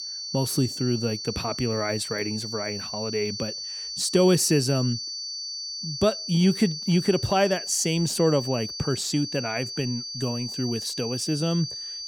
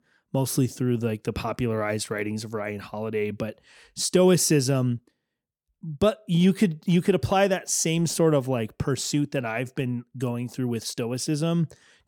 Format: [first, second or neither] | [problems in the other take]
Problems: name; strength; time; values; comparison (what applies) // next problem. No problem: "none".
second | high-pitched whine; loud; throughout; 4.5 kHz, 6 dB below the speech